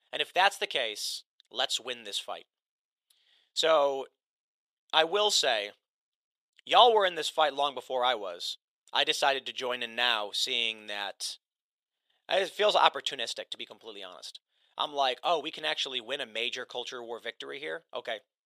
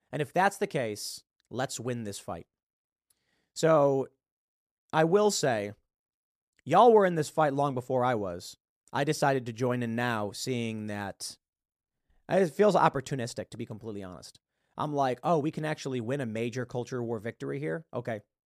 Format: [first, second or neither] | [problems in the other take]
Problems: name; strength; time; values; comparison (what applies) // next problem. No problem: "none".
second | thin; very; fading below 650 Hz